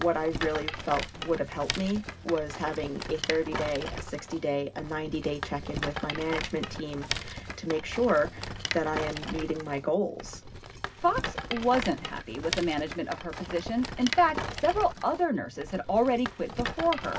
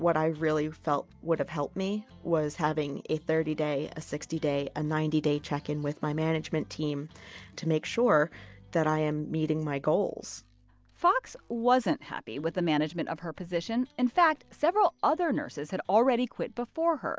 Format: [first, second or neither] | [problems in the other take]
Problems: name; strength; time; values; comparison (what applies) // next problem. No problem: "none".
second | background sound (Rattle); 7 dB below the speech // room echo; dies away in 0.4 s